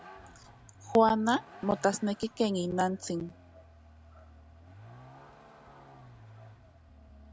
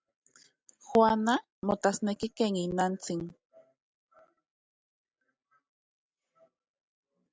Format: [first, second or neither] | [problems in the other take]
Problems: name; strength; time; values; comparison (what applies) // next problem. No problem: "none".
second | background sound (Vehicle); 19 dB below the speech